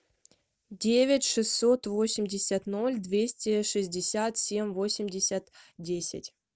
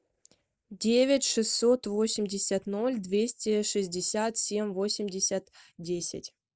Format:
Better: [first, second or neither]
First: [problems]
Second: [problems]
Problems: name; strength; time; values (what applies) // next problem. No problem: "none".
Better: first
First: none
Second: noise reduction (neural mask model Resemble Enhance denoiser)